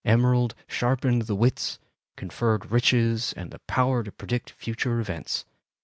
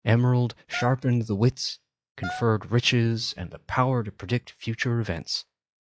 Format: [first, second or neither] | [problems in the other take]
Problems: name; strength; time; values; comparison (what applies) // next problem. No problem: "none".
first | noise reduction (classical method log-MMSE)